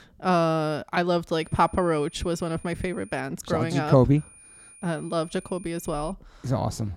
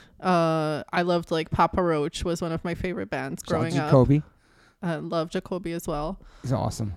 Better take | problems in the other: second | high-pitched whine; faint; from 1.5 to 3 s and from 4 to 6 s; 9.5 kHz, 20 dB below the speech

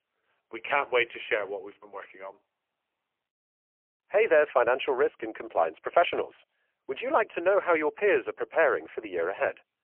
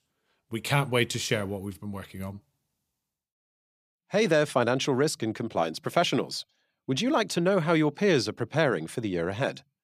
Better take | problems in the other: second | phone-call audio; poor line; nothing above 3 kHz

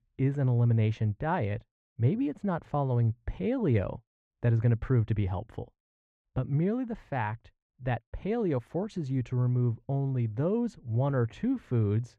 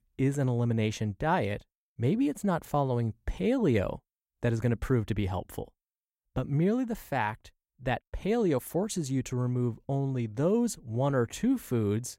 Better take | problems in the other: second | muffled; slightly; fading above 2.5 kHz

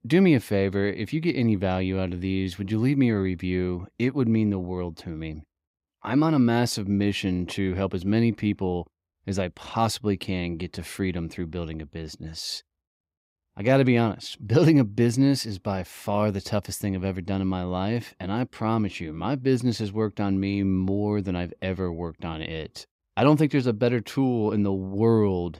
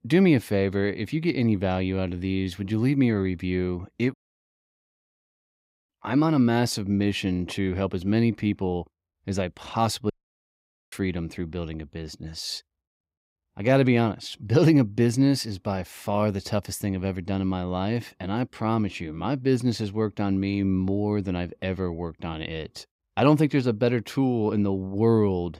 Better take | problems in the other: first | audio cutting out; at 4 s for 2 s and at 10 s for 1 s

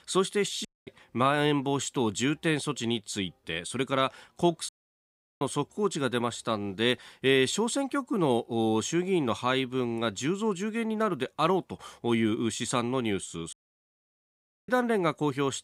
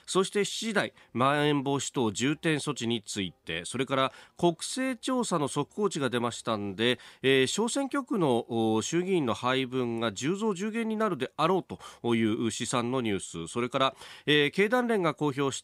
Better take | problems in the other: second | audio cutting out; at 0.5 s, at 4.5 s for 0.5 s and at 14 s for 1 s

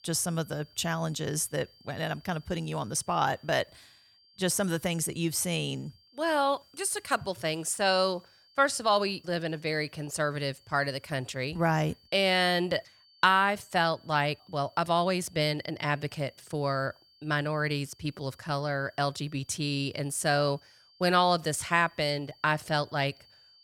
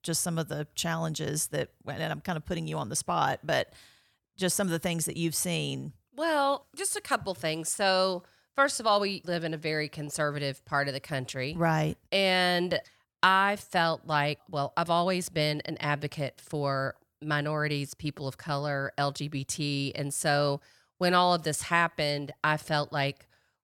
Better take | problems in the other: second | high-pitched whine; faint; throughout; 4.5 kHz, 30 dB below the speech

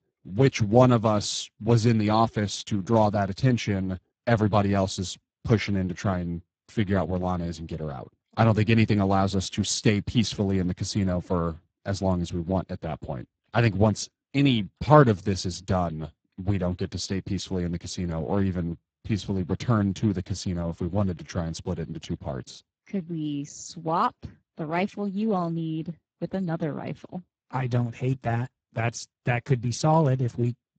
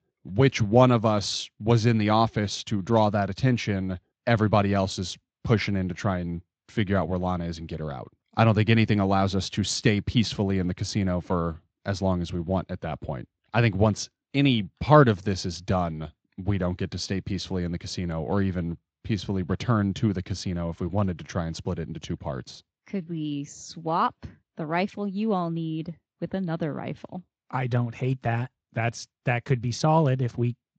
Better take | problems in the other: second | garbled, watery; badly; nothing above 8 kHz; slightly in the second

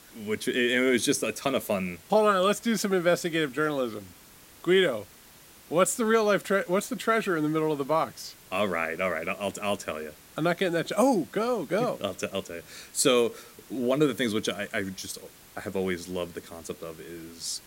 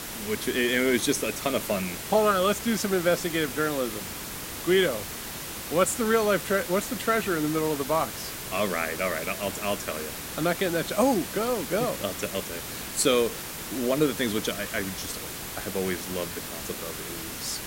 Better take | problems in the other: first | hiss; loud; throughout; 7 dB below the speech; faint in the first

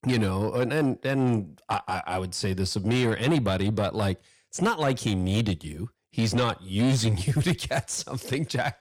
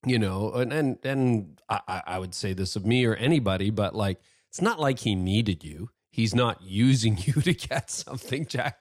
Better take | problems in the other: second | distortion; slight; 10 dB below the speech

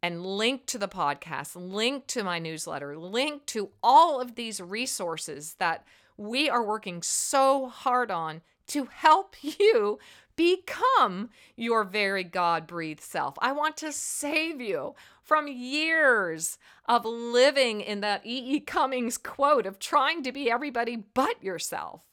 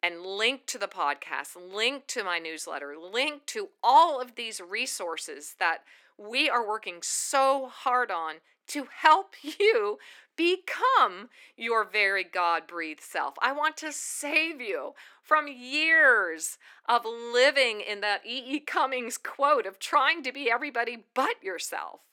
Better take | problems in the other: first | thin; somewhat; fading below 300 Hz

